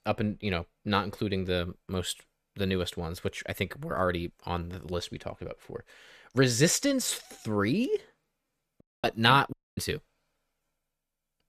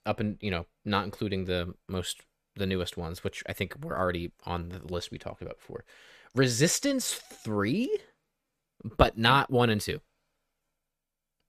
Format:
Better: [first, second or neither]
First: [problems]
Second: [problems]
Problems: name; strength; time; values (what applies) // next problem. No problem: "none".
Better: second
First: audio cutting out; at 9 s and at 9.5 s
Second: none